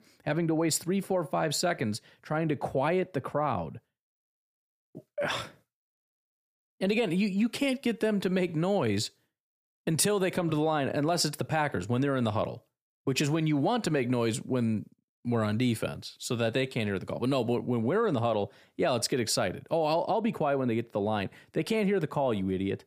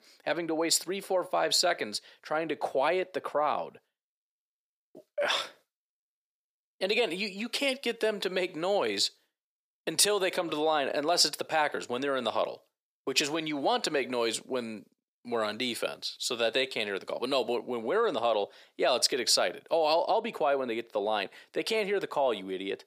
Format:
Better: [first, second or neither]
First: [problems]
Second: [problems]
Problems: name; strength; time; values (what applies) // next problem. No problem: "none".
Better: first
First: none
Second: thin; somewhat; fading below 500 Hz